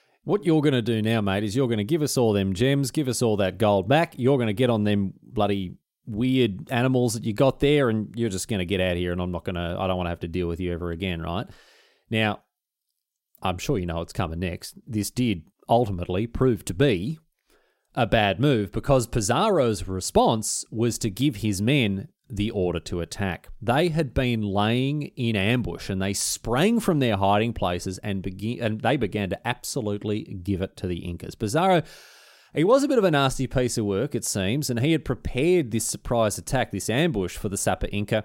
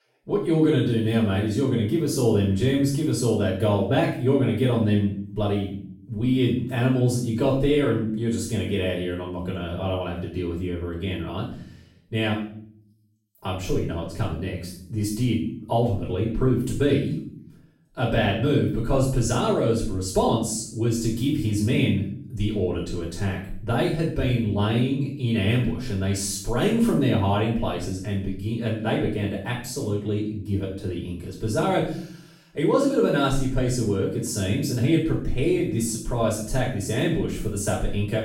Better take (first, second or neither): first